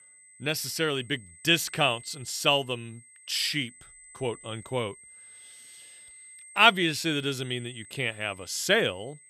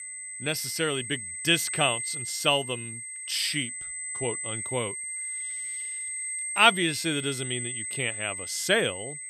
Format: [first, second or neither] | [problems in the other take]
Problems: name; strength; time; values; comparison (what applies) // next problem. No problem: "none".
first | high-pitched whine; loud; throughout; 8 kHz, 5 dB below the speech; faint in the first